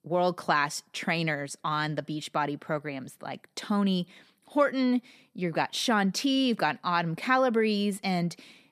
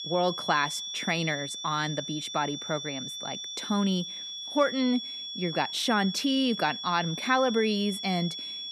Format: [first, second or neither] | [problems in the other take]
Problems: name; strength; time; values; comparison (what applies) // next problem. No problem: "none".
first | high-pitched whine; loud; throughout; 3.5 kHz, 6 dB below the speech